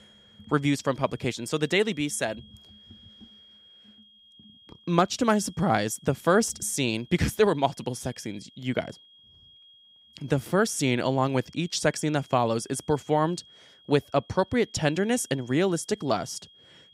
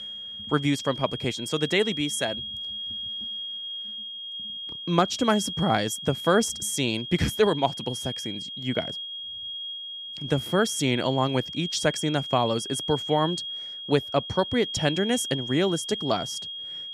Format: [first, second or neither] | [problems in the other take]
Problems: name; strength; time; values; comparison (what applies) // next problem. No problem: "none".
first | high-pitched whine; loud; throughout; 3.5 kHz, 6 dB below the speech; faint in the first